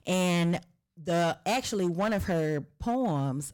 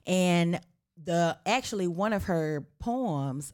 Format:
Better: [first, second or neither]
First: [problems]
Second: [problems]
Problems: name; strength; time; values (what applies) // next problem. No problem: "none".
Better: second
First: distortion; slight; 11% of the sound clipped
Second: none